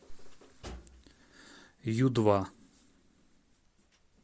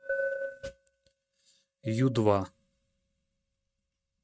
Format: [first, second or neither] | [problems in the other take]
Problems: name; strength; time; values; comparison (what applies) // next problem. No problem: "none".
first | noise reduction (neural mask model RNNoise)